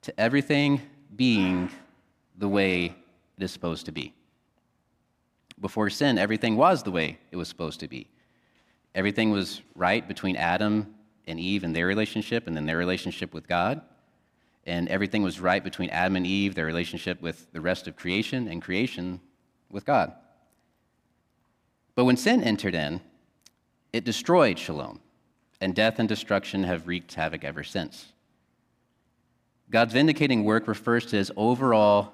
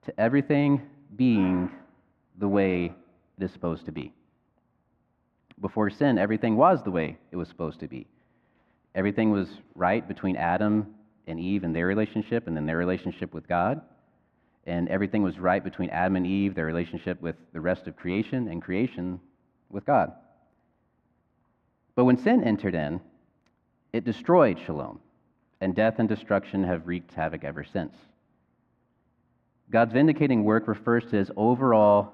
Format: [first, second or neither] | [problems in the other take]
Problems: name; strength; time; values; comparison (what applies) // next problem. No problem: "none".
first | muffled; very; fading above 4 kHz